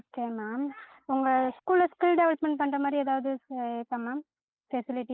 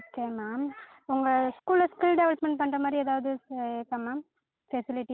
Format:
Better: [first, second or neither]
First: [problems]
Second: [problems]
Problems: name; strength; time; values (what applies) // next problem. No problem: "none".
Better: second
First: noise reduction (neural mask model Resemble Enhance denoiser)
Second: none